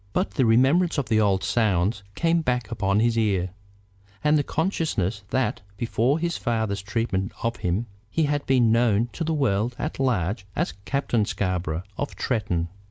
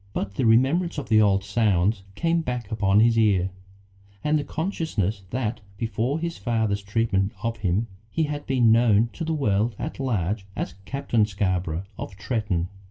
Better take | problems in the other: first | room echo; dies away in 0.2 s

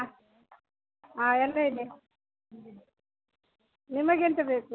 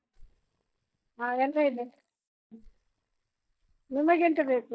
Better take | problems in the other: first | noise reduction (neural mask model DeepFilterNet 3)

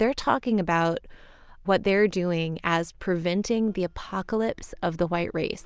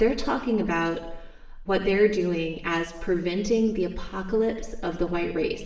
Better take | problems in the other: first | room echo; dies away in 0.8 s

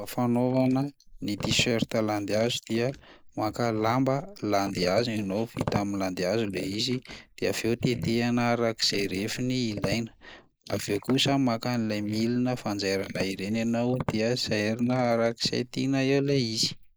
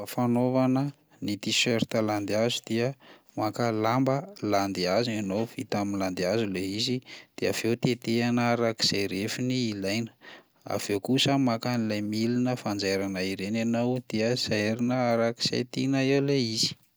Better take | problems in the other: second | noise reduction (neural mask model Resemble Enhance denoiser)

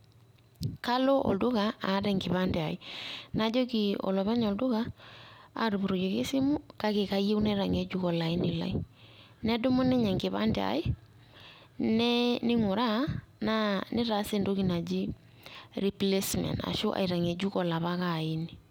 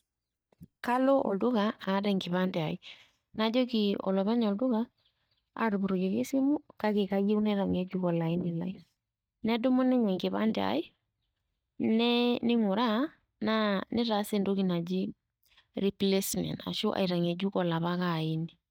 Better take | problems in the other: first | noise reduction (neural mask model DeepFilterNet 3)

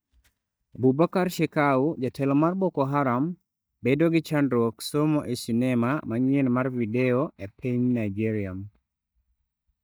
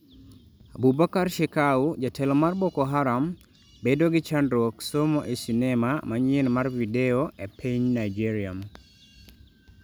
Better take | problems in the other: second | noise reduction (neural mask model DeepFilterNet 3)

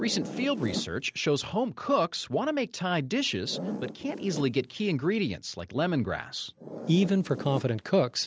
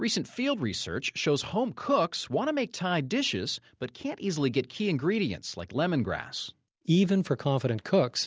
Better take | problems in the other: second | background sound (Zipper (clothing)); 12 dB below the speech

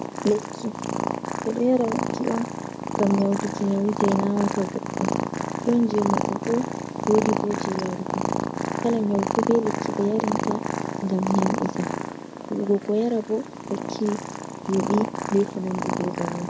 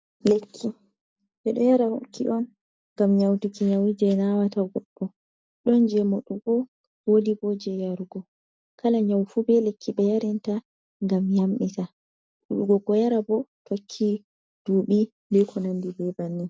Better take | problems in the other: second | background sound (Purr); 3 dB below the speech

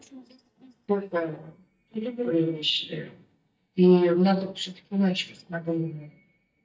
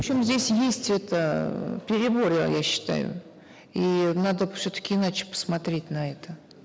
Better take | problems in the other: second | noise reduction (neural mask model DeepFilterNet 3)

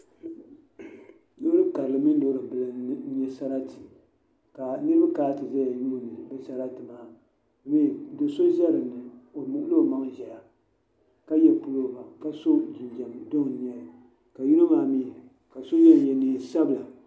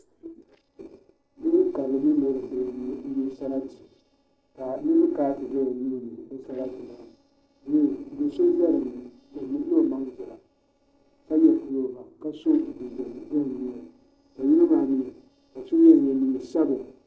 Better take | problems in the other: first | noise reduction (neural separator model SepFormer DNS4)

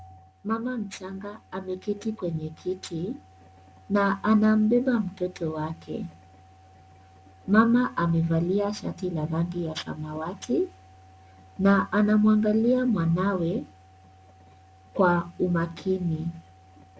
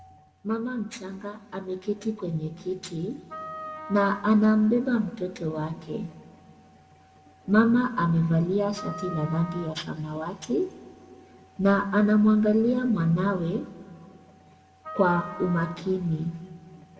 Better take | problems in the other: first | background sound (Wind instrument, woodwind instrument); 14 dB below the speech // room echo; dies away in 1.7 s

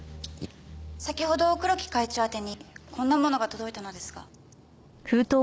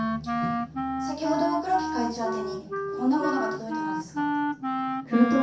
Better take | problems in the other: first | background sound (Wind instrument, woodwind instrument); 1 dB below the speech // room echo; dies away in 0.6 s

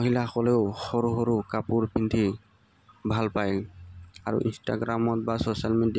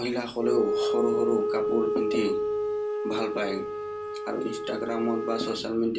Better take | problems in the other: first | background sound (Wind instrument, woodwind instrument); as loud as the speech // room echo; dies away in 0.3 s

